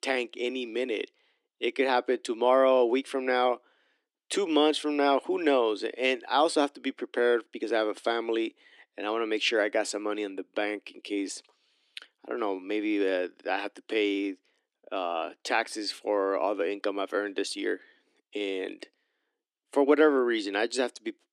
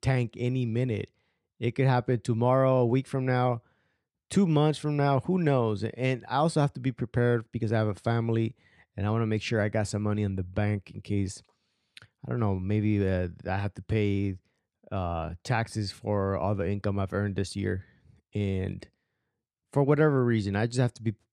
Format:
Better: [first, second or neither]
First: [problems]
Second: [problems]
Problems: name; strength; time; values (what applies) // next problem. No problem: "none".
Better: second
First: thin; somewhat; fading below 300 Hz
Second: none